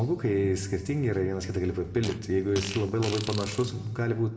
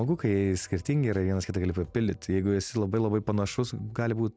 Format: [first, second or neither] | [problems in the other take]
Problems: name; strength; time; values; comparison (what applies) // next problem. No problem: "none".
second | background sound (Fart); 13 dB below the speech // room echo; dies away in 1 s